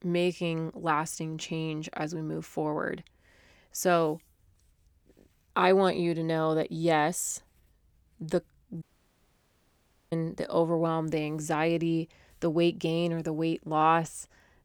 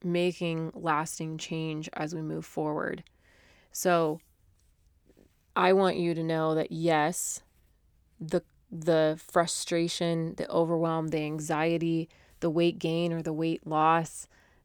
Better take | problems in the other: second | audio cutting out; at 9 s for 1.5 s

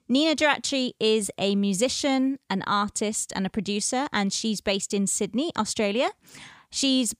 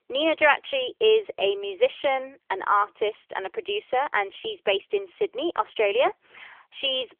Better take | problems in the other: first | phone-call audio; nothing above 3.5 kHz

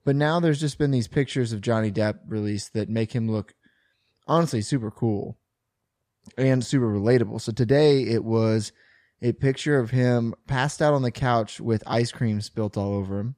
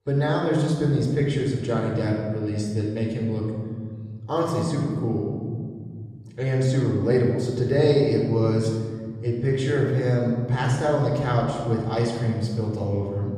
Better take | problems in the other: first | off-mic speech; somewhat distant // room echo; noticeable; dies away in 2.1 s

